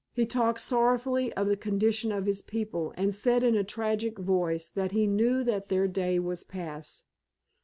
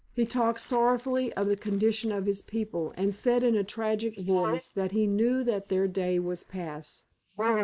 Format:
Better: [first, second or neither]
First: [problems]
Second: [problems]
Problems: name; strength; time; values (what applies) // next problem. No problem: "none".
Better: first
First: none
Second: noise reduction (neural mask model Resemble Enhance denoiser)